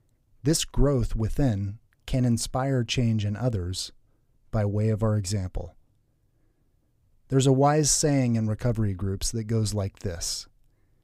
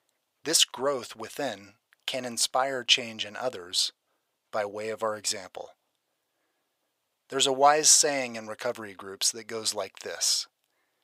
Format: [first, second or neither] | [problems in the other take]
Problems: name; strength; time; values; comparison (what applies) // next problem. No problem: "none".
first | thin; very; fading below 750 Hz